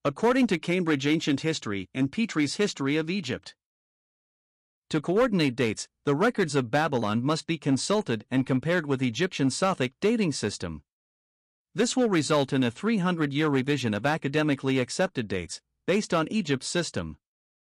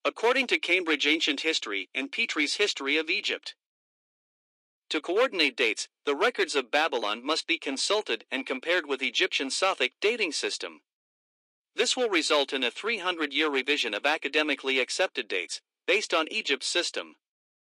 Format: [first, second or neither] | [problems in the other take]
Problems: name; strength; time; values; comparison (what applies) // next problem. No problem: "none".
first | thin; somewhat; fading below 300 Hz